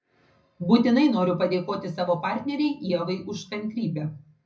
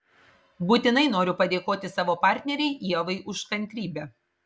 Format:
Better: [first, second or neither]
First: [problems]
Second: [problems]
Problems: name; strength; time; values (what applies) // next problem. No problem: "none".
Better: second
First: room echo; dies away in 0.4 s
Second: none